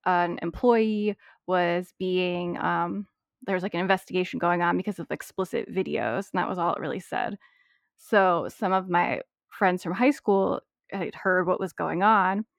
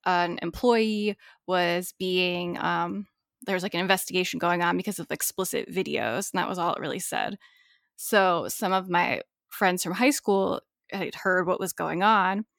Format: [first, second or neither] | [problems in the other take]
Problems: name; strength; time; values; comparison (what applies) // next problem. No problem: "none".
second | muffled; very; fading above 3.5 kHz